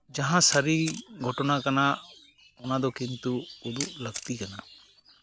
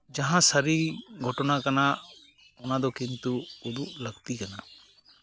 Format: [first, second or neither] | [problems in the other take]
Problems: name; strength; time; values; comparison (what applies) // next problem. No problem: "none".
second | background sound (Camera); 13 dB below the speech